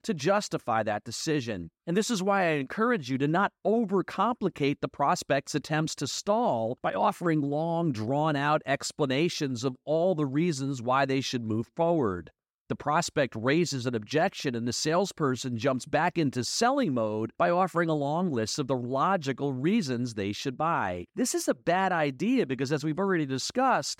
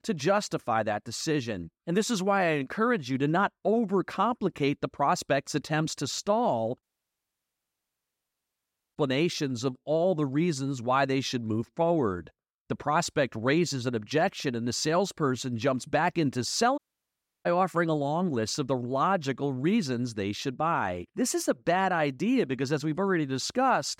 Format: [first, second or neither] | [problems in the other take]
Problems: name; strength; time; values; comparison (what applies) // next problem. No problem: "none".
first | audio cutting out; at 7 s for 2 s and at 17 s for 0.5 s